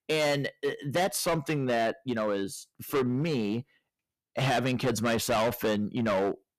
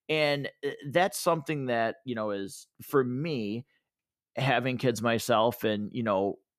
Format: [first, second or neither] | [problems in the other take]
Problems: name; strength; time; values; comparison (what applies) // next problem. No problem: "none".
second | distortion; heavy; 13% of the sound clipped